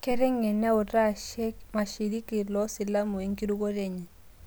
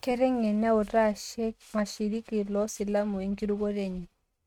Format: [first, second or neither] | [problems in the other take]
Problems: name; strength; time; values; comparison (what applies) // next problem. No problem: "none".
first | noise reduction (neural mask model RNNoise)